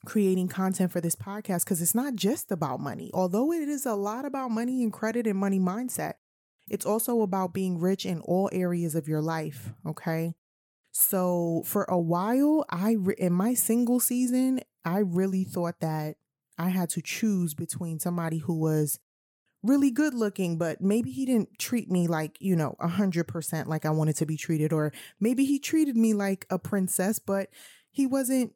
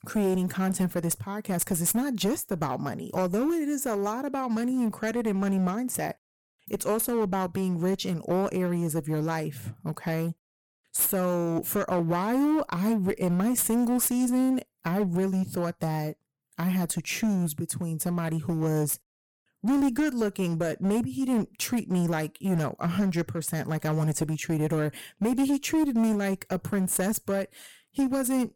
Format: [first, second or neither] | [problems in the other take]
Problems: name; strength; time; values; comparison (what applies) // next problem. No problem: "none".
first | distortion; slight; 10% of the sound clipped